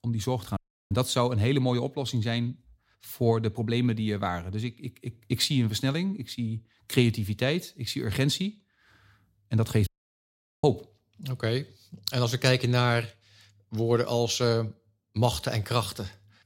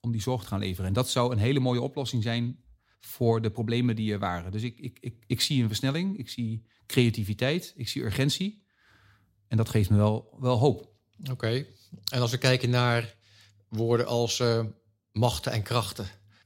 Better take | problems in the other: second | audio cutting out; at 0.5 s and at 10 s for 1 s

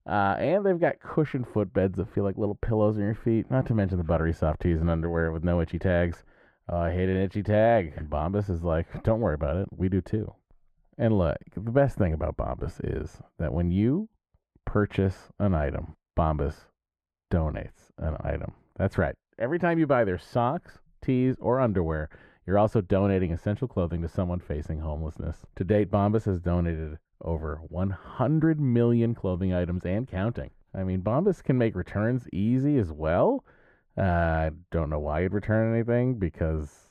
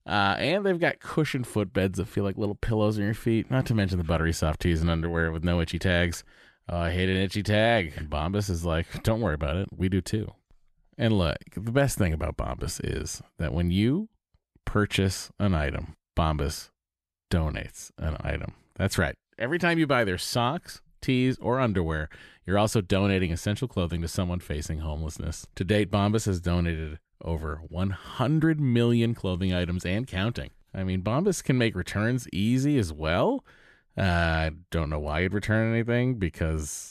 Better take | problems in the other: second | muffled; very; fading above 2.5 kHz

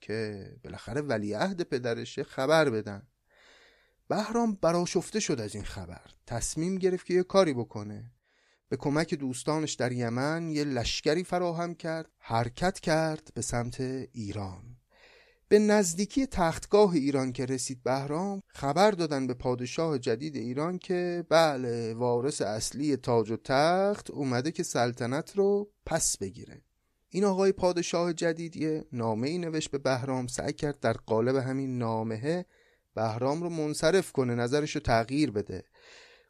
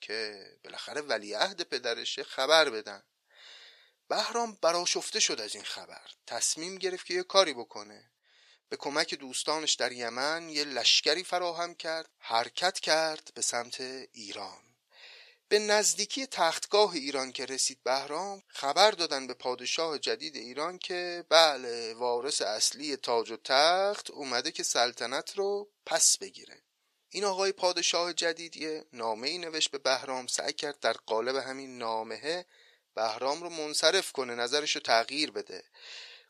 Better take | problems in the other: first | thin; very; fading below 600 Hz

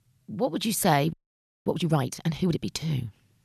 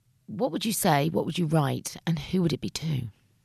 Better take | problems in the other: second | audio freezing; at 1 s for 0.5 s

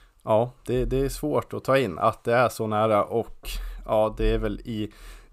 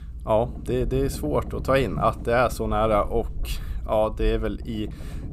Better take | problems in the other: first | low rumble; faint; throughout; 20 dB below the speech

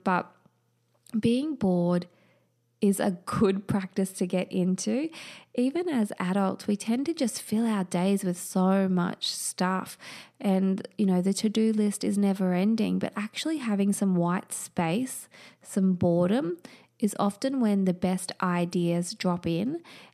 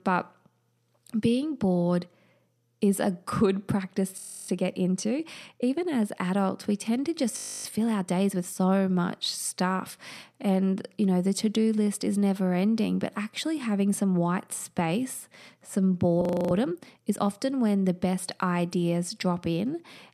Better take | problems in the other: first | audio freezing; at 4 s, at 7.5 s and at 16 s

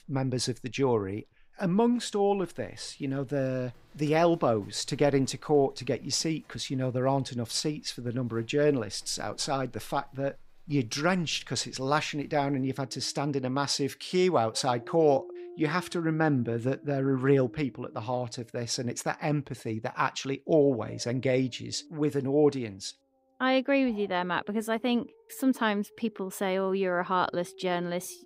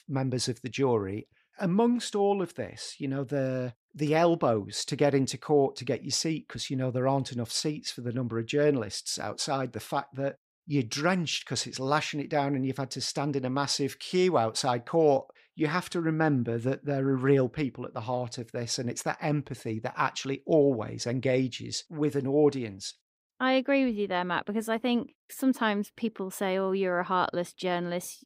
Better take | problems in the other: second | animal sounds; faint; throughout; 25 dB below the speech

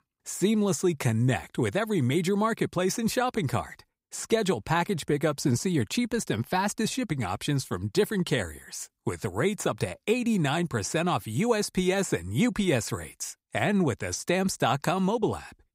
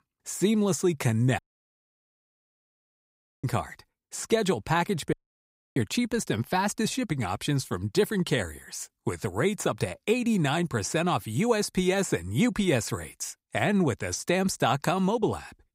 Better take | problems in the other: first | audio cutting out; at 1.5 s for 2 s and at 5 s for 0.5 s

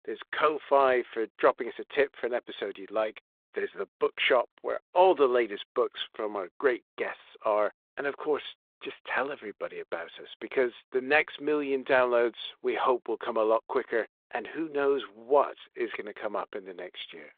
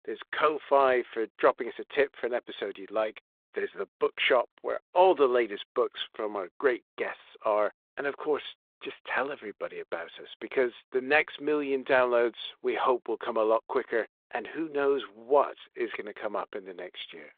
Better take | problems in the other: neither | phone-call audio; the same in both

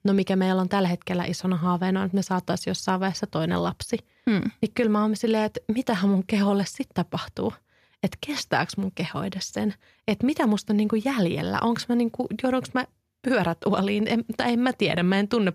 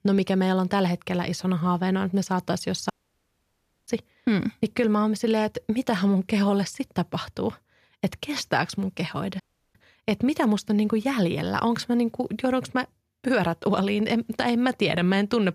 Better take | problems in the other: first | audio cutting out; at 3 s for 1 s and at 9.5 s

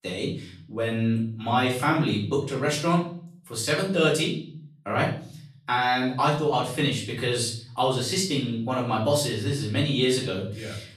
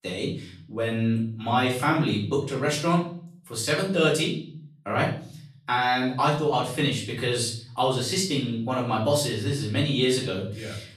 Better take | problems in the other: neither | off-mic speech; far; the same in both // room echo; slight; dies away in 0.5 s; the same in both

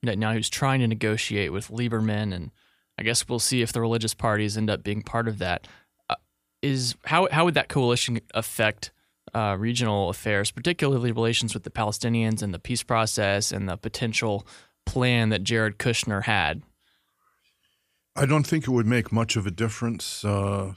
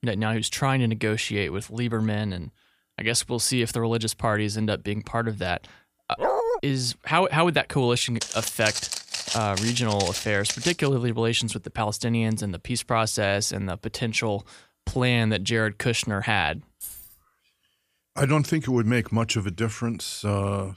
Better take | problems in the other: first | dog barking; loud; at 6 s; peak 1 dB above the speech // footsteps; noticeable; from 8 to 11 s; peak 3 dB below the speech // jangling keys; faint; at 17 s; peak 10 dB below the speech

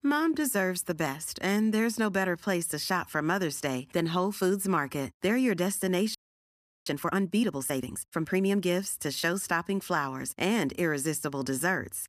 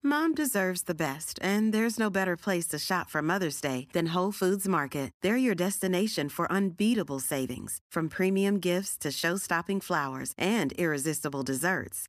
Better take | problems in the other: second | audio freezing; at 6 s for 0.5 s

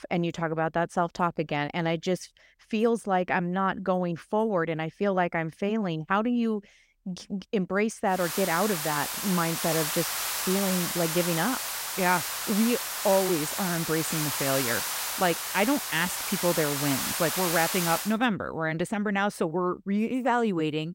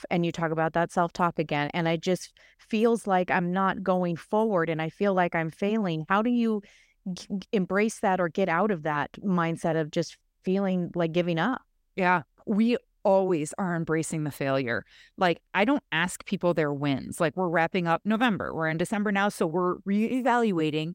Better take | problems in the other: second | hiss; loud; from 8 to 18 s; 1 dB below the speech

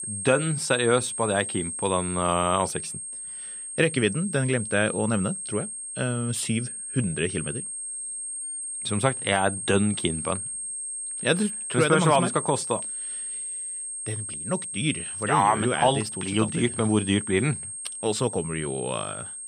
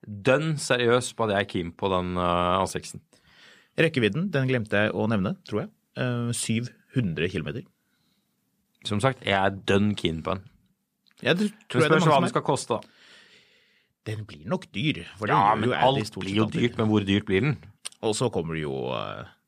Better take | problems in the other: second | high-pitched whine; loud; throughout; 8.5 kHz, 6 dB below the speech

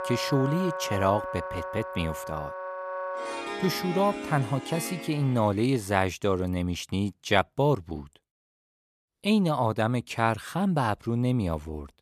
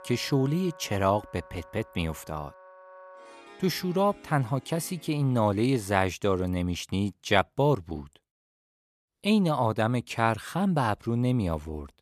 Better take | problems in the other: second | background music; loud; until 5 s; 7 dB below the speech; faint in the second

